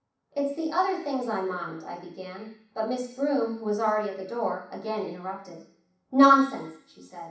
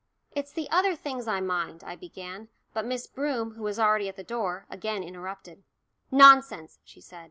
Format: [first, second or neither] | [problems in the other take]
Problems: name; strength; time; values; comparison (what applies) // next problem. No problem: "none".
second | room echo; dies away in 0.7 s